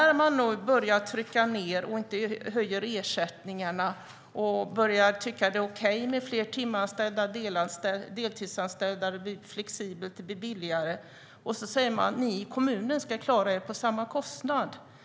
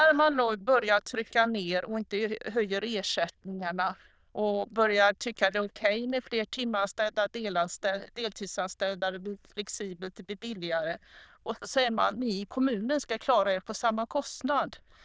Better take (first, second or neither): first